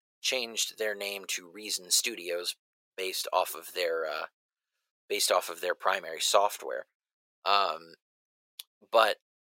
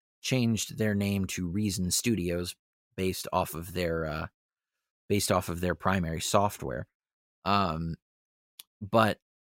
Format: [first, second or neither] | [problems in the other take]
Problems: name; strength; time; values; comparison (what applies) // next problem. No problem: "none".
second | thin; very; fading below 500 Hz